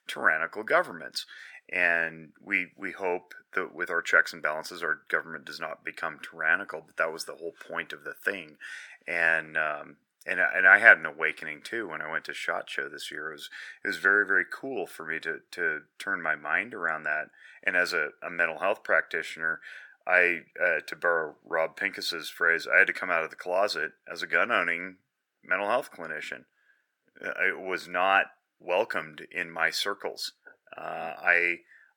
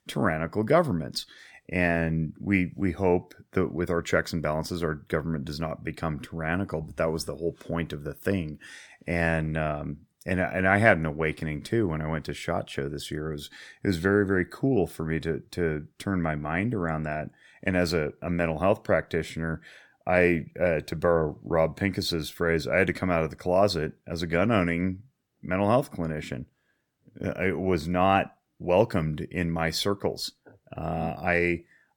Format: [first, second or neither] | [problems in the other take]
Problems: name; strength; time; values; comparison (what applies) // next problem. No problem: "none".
second | thin; very; fading below 500 Hz